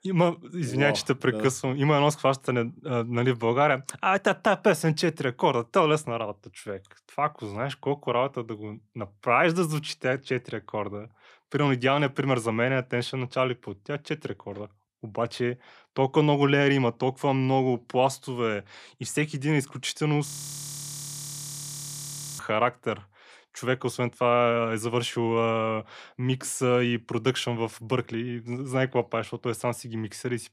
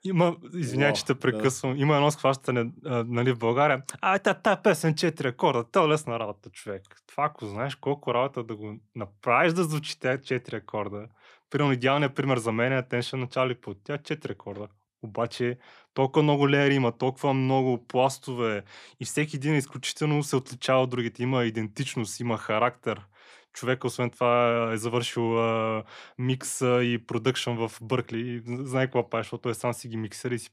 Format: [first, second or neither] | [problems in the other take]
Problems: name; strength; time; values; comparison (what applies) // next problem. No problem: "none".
second | audio freezing; at 20 s for 2 s